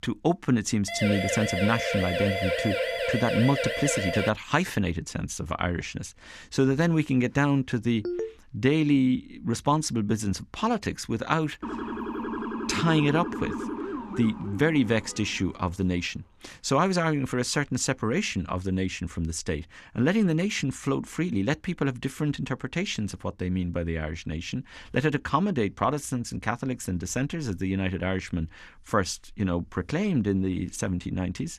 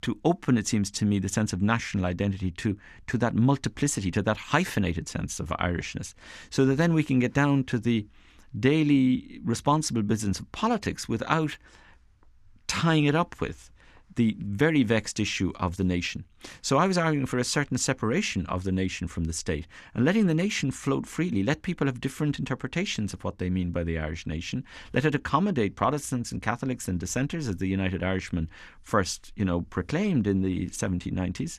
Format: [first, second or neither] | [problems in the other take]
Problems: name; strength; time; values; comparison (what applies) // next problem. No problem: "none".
second | siren; loud; from 1 to 4.5 s; peak level with the speech // phone ringing; noticeable; at 8 s; peak 5 dB below the speech // siren; noticeable; from 12 to 15 s; peak 5 dB below the speech